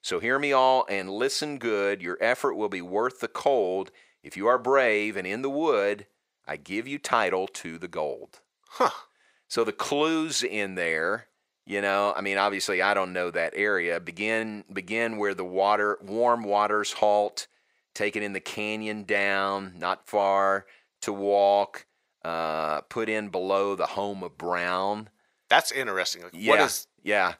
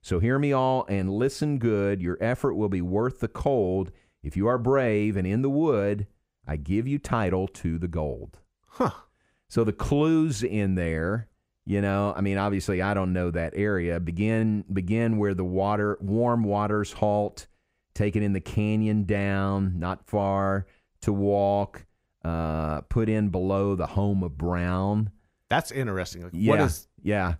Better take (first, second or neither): second